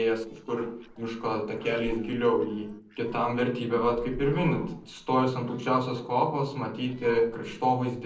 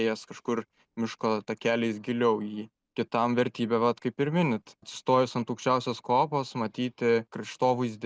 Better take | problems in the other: second | noise reduction (neural separator model SepFormer DNS4)

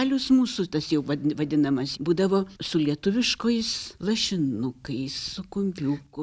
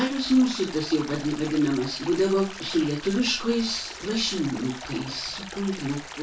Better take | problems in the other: first | background sound (Stream); 14 dB below the speech // room echo; dies away in 0.2 s

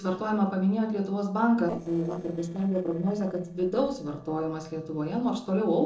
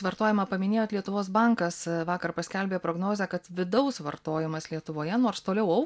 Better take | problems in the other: second | noise reduction (neural separator model SepFormer DNS4)

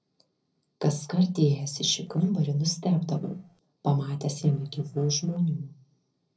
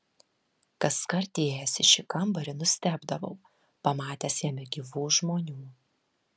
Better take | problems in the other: second | noise reduction (neural separator model SepFormer DNS4)

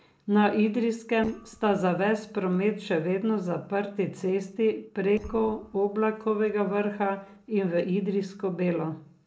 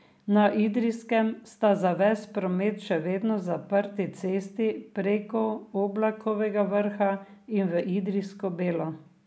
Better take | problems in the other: second | noise reduction (neural separator model SepFormer DNS4)

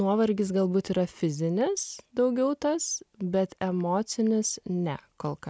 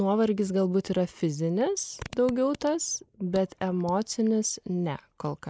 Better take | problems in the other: first | noise reduction (neural mask model Resemble Enhance denoiser)

